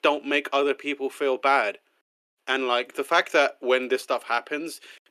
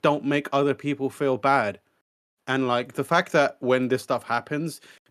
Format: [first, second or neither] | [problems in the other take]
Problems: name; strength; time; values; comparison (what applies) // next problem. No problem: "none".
second | thin; very slightly; fading below 350 Hz